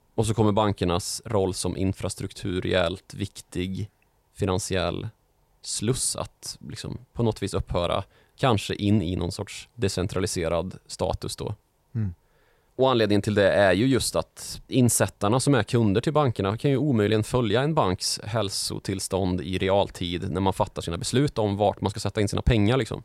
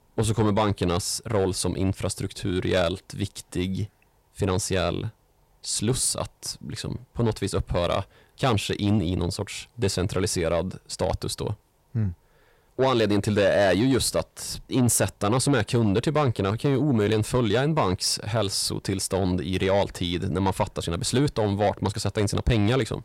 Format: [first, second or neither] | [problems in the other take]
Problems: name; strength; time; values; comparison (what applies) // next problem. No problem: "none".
first | distortion; slight; 10 dB below the speech